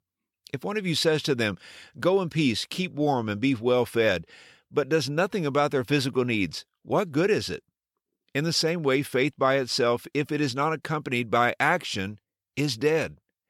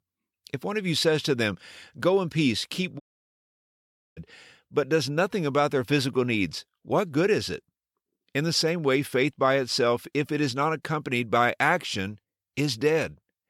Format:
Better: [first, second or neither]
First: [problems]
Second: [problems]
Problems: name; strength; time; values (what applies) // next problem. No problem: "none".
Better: first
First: none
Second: audio cutting out; at 3 s for 1 s